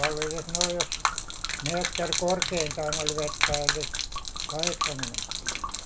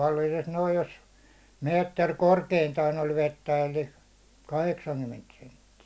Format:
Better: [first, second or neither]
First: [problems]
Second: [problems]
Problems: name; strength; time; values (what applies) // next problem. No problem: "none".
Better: second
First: background sound (Gurgling / Liquid); 3 dB above the speech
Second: none